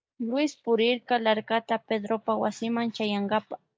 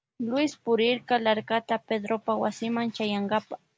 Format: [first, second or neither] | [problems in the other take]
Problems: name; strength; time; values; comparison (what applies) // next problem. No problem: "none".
second | noise reduction (neural mask model DeepFilterNet 3)